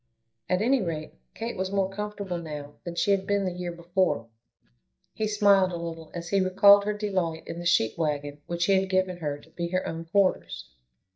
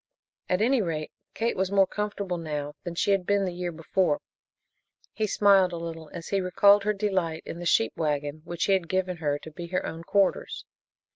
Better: second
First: noise reduction (neural mask model DeepFilterNet 3)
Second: none

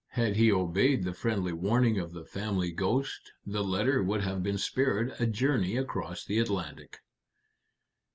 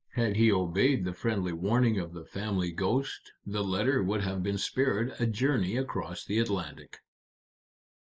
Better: first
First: none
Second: noise reduction (neural mask model Resemble Enhance denoiser)

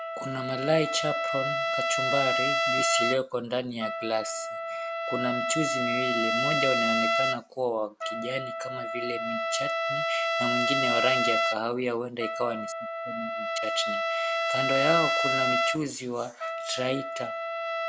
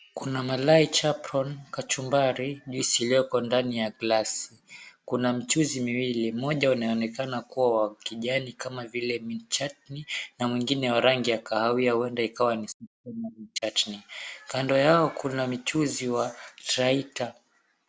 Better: second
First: background sound (Trumpet); 3 dB above the speech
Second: none

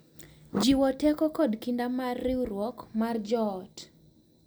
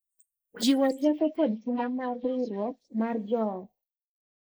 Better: first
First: none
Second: noise reduction (neural mask model Resemble Enhance denoiser)

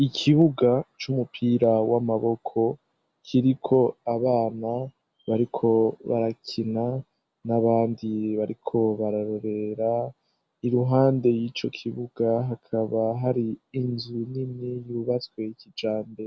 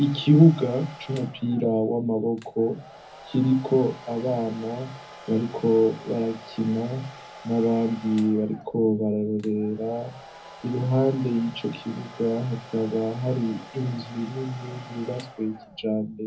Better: first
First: none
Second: background sound (Domestic sounds, home sounds); 20 dB below the speech // room echo; dies away in 0.4 s

